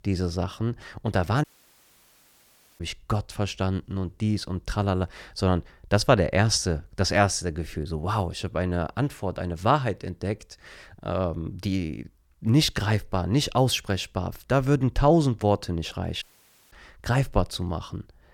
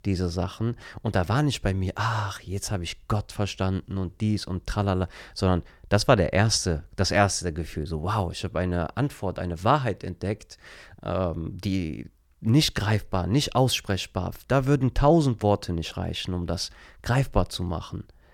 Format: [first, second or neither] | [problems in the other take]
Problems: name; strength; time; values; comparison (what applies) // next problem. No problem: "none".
second | audio cutting out; at 1.5 s for 1.5 s and at 16 s for 0.5 s